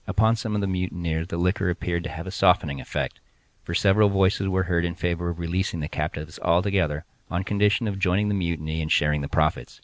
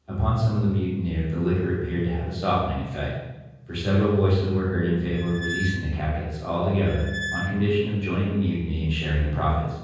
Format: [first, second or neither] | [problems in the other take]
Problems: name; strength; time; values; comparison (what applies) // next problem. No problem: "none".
first | background sound (Squeak); 10 dB below the speech // room echo; dies away in 1.3 s